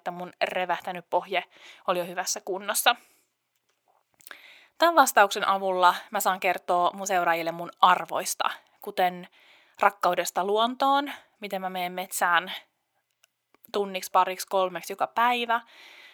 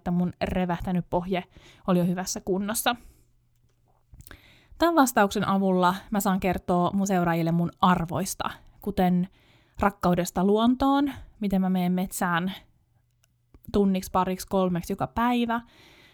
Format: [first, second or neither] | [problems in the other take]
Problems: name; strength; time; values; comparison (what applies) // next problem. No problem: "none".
second | thin; very; fading below 600 Hz